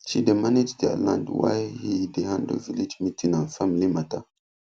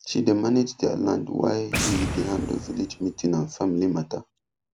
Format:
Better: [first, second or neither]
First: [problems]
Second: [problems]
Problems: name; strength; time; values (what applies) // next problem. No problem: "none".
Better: first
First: none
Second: background sound (Boom); 8 dB below the speech